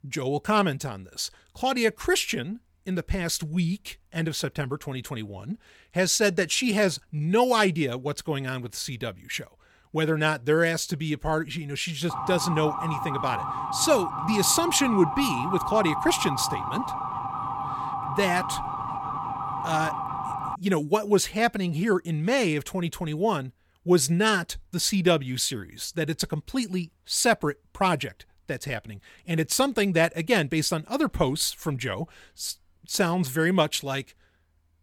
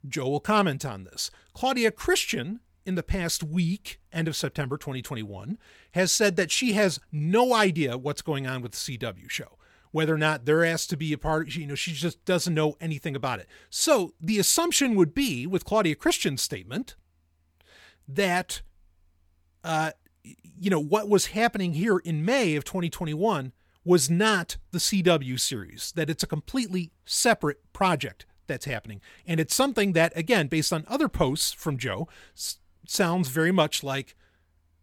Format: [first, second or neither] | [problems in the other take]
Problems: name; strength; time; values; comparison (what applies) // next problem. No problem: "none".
second | siren; noticeable; from 12 to 21 s; peak 3 dB below the speech